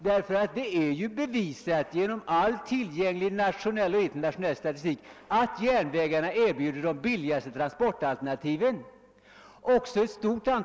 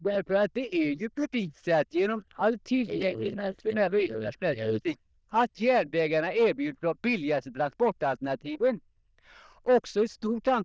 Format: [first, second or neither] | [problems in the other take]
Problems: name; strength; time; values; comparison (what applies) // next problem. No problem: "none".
first | noise reduction (neural diffusion model UNIVERSE++)